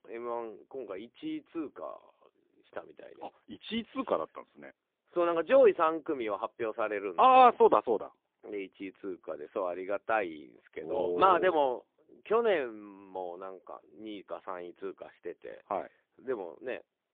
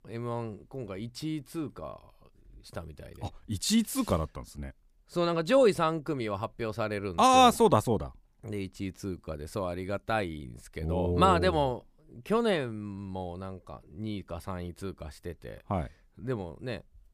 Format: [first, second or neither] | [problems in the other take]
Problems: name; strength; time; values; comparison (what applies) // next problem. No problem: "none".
second | phone-call audio; poor line; nothing above 3.5 kHz